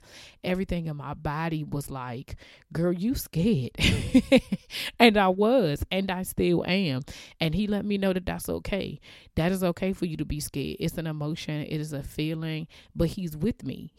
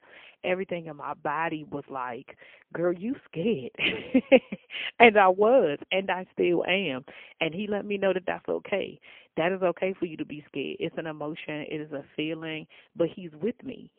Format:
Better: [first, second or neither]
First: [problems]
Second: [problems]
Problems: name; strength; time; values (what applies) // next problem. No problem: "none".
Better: first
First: none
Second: phone-call audio; poor line; nothing above 3 kHz